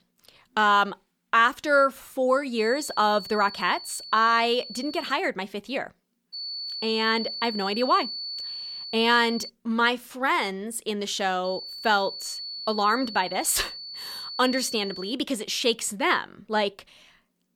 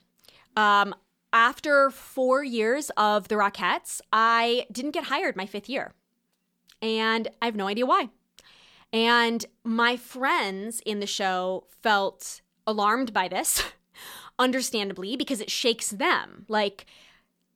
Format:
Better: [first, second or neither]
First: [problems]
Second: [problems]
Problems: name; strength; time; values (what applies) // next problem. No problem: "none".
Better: second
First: high-pitched whine; loud; from 2.5 to 5 s, from 6.5 to 9.5 s and from 11 to 15 s; 4.5 kHz, 9 dB below the speech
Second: none